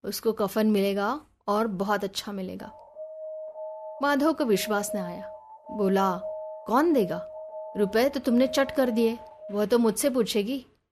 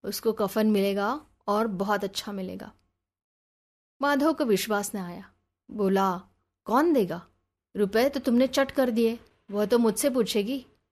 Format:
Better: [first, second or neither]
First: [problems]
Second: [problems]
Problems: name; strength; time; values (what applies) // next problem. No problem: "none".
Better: second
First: alarm; noticeable; from 2.5 to 9.5 s; peak 10 dB below the speech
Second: none